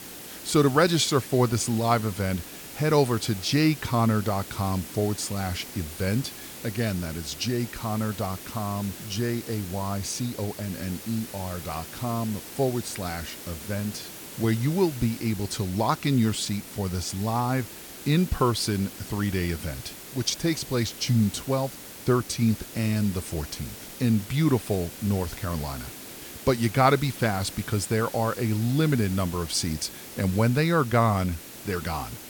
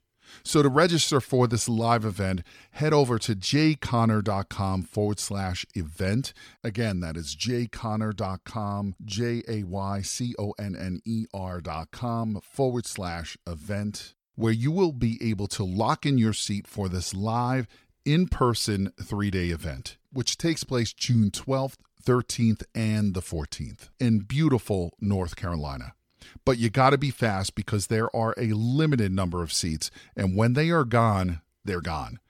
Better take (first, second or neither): second